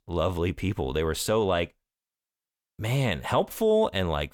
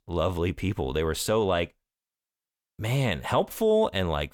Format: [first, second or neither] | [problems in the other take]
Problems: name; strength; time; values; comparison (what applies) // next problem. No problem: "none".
neither | none